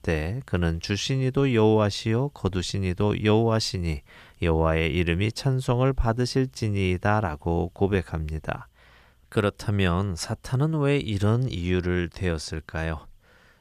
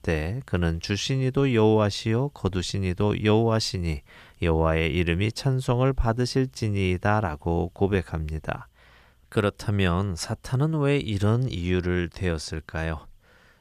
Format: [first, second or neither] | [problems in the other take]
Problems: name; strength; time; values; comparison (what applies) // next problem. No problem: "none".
neither | none